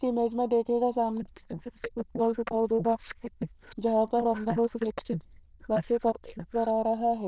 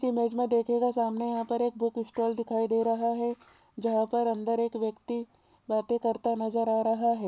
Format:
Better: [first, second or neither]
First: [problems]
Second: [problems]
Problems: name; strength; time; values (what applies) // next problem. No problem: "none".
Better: second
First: noise reduction (neural diffusion model UNIVERSE++)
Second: none